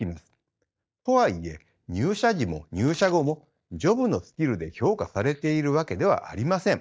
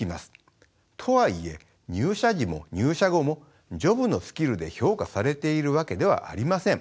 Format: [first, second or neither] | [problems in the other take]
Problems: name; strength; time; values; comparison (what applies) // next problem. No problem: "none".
second | noise reduction (neural mask model DeepFilterNet 3)